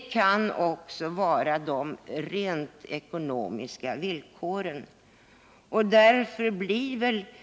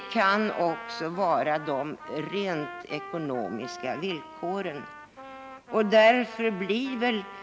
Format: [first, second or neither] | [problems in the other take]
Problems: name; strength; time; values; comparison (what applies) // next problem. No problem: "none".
first | background sound (Trumpet); 15 dB below the speech